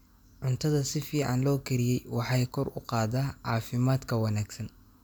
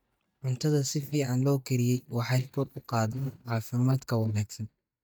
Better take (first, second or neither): first